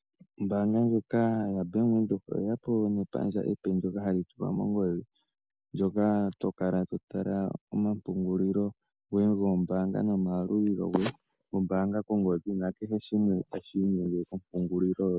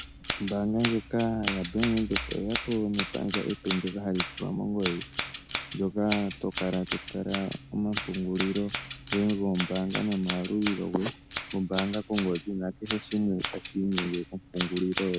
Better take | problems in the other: first | background sound (Scissors); 7 dB below the speech

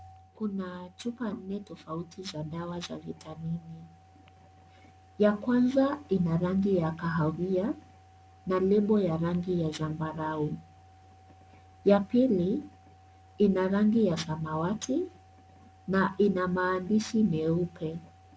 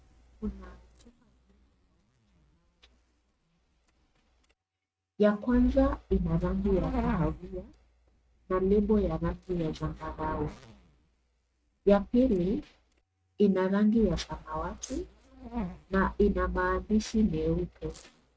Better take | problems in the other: first | noise reduction (neural mask model RNNoise)

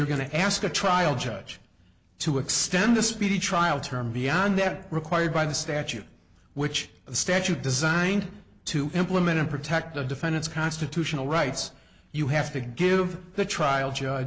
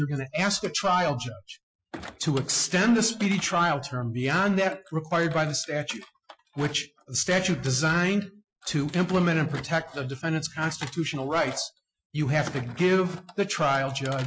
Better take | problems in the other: first | noise reduction (classical method Wiener filter)

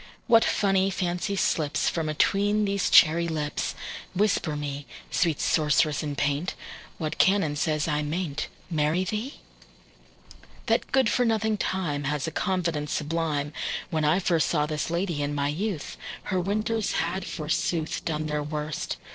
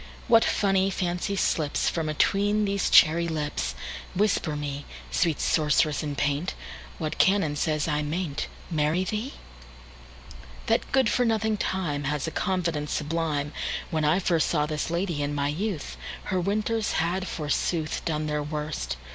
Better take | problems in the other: second | noise reduction (neural separator model SepFormer DNS4)

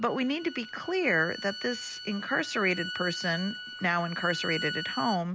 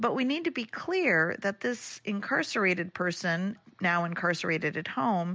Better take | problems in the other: second | background sound (Bowed string instrument); 9 dB below the speech

